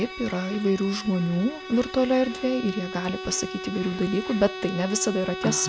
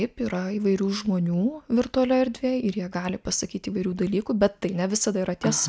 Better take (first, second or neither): second